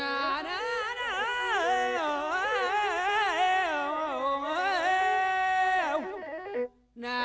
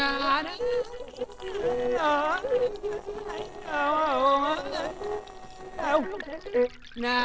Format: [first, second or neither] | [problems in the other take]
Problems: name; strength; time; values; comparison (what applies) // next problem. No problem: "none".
first | noise reduction (neural separator model SepFormer DNS4)